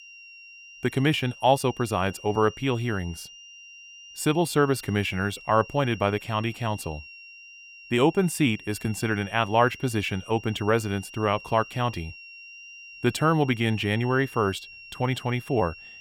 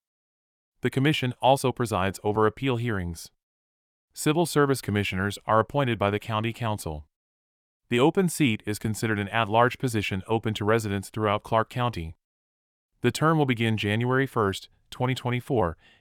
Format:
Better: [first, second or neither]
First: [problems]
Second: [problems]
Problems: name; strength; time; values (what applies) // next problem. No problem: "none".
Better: second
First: high-pitched whine; noticeable; throughout; 3 kHz, 20 dB below the speech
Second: none